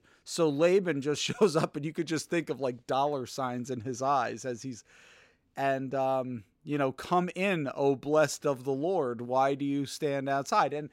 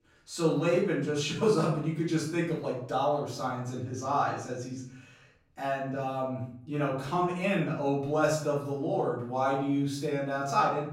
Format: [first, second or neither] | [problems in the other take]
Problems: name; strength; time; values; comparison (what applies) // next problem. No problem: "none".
first | off-mic speech; far // room echo; noticeable; dies away in 0.6 s